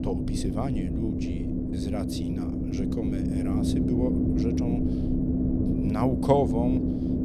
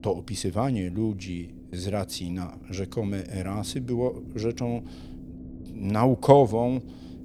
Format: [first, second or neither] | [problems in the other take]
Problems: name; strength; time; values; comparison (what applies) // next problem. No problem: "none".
second | low rumble; loud; throughout; 1 dB below the speech; faint in the second